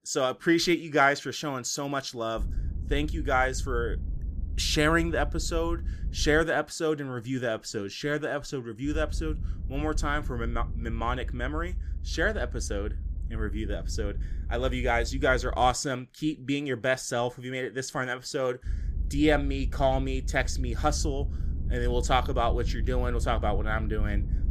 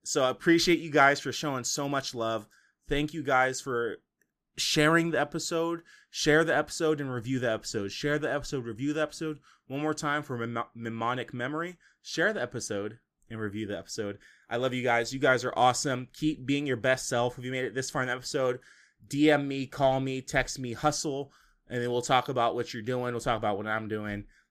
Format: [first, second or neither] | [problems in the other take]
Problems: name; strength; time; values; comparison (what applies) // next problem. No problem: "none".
second | low rumble; faint; from 2.5 to 6.5 s, from 9 to 16 s and from 19 s on; 25 dB below the speech